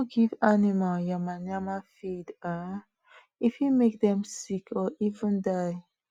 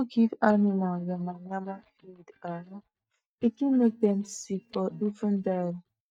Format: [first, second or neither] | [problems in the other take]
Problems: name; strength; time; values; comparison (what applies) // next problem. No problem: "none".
first | noise reduction (neural mask model DeepFilterNet 3)